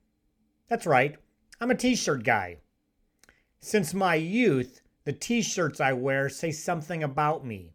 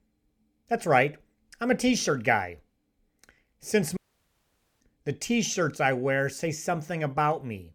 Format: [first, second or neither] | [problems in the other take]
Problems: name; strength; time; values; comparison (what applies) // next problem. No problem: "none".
first | audio cutting out; at 4 s for 1 s